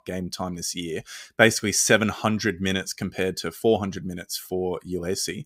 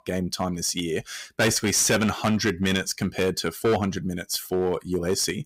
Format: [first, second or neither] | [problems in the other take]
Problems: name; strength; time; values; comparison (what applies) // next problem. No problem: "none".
first | distortion; heavy; 7% of the sound clipped